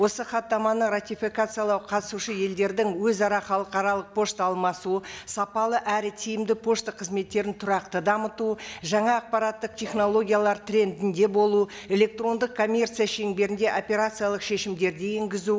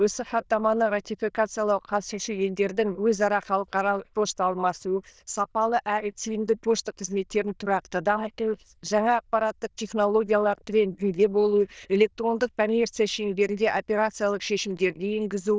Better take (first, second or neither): first